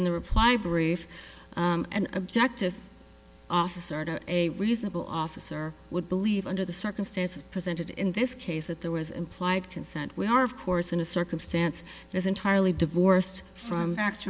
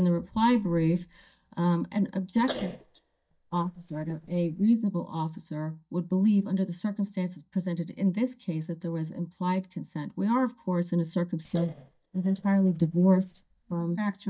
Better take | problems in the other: first | noise reduction (neural mask model DeepFilterNet 3)

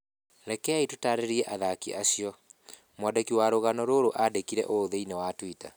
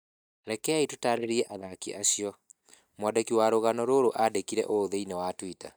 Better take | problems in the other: first | noise reduction (neural mask model DeepFilterNet 3)

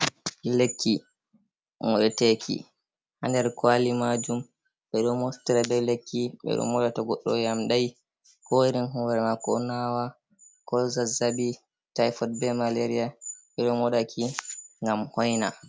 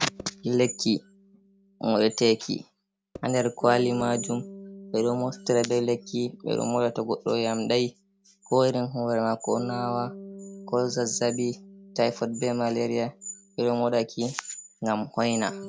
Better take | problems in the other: first | background sound (Bass guitar + Percussion); 19 dB below the speech

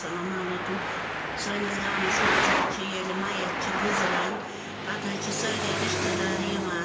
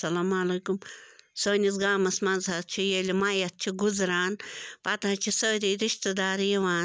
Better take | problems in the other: second | background sound (Traffic noise, roadway noise); 4 dB above the speech // room echo; dies away in 2.1 s

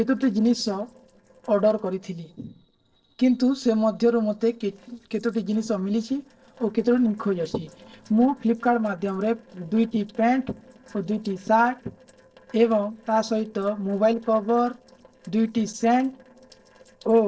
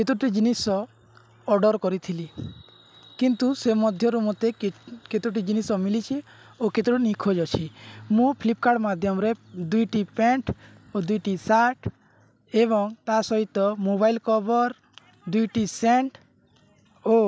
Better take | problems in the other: second | noise reduction (neural separator model SepFormer DNS4)

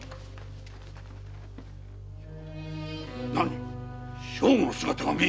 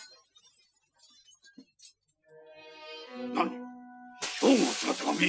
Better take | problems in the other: first | noise reduction (classical method Wiener filter)

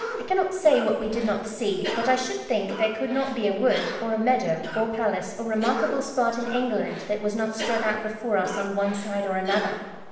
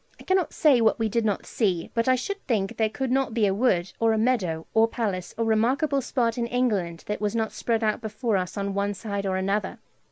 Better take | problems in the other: second | background sound (Cough); 11 dB below the speech // room echo; dies away in 1.2 s

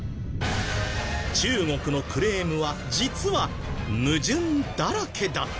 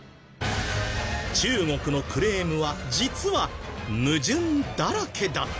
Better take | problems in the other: second | background sound (Thunder); 9 dB below the speech

